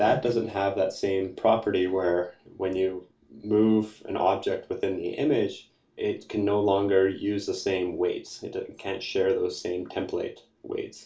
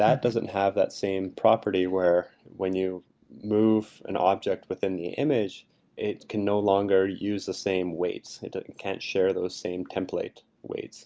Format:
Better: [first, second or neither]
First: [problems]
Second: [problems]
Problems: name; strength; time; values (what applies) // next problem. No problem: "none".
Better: second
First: room echo; dies away in 0.3 s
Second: none